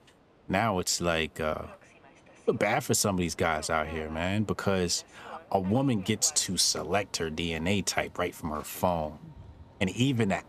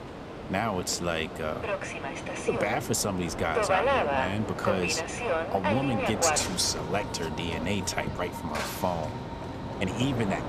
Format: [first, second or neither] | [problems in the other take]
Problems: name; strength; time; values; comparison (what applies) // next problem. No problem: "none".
first | train or aircraft noise; loud; throughout; 1 dB below the speech; faint in the first